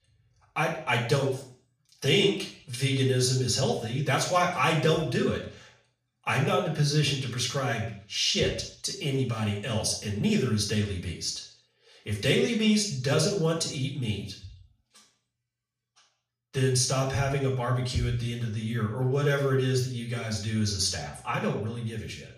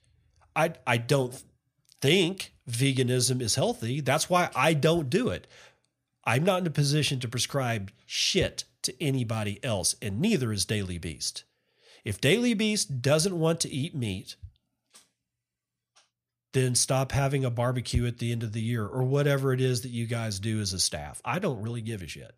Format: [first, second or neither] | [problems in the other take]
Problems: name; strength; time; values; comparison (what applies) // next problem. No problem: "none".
second | room echo; noticeable; dies away in 0.5 s // off-mic speech; far